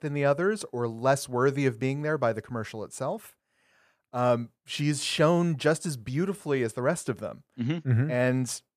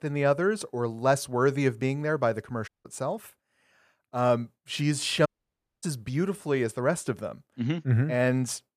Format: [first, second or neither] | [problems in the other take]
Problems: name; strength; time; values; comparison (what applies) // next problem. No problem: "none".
first | audio cutting out; at 2.5 s and at 5.5 s for 0.5 s